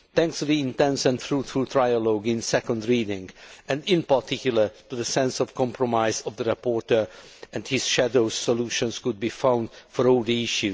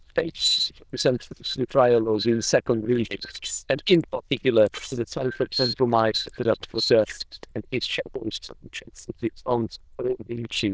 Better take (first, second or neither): first